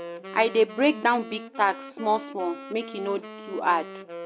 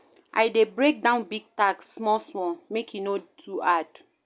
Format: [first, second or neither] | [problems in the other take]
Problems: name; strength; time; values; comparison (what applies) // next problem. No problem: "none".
second | background sound (Wind instrument, woodwind instrument); 13 dB below the speech